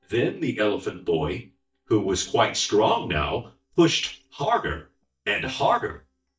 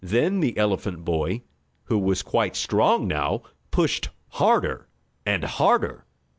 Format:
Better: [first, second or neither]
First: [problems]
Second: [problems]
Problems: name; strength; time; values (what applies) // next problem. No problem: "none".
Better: second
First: noise reduction (neural mask model DeepFilterNet 3)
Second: none